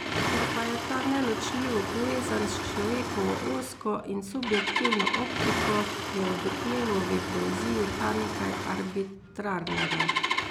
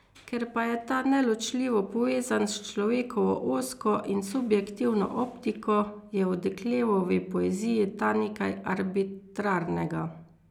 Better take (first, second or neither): second